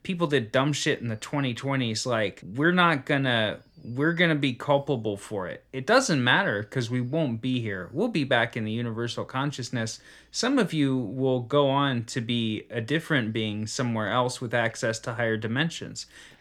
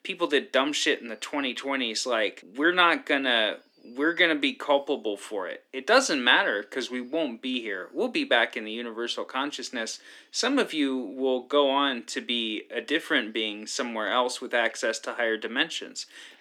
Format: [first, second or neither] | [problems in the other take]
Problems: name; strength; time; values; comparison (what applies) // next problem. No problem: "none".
first | thin; very slightly; fading below 250 Hz